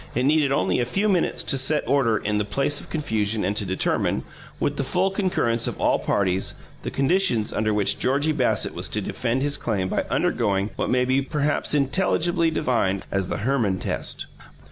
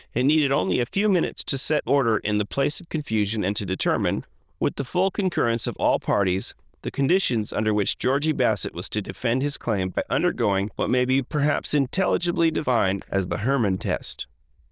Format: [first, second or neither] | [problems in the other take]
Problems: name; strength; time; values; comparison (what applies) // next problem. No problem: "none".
first | noise reduction (neural diffusion model UNIVERSE++)